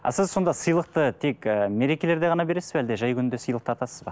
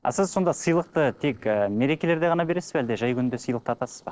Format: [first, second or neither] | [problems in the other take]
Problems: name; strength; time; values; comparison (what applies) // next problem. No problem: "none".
first | noise reduction (neural separator model SepFormer DNS4)